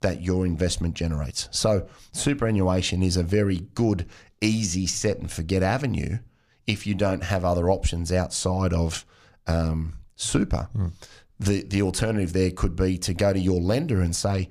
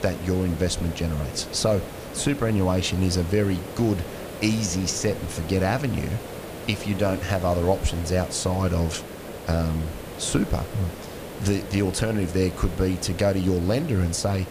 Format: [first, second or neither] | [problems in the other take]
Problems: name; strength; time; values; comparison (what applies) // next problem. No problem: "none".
first | hiss; noticeable; throughout; 10 dB below the speech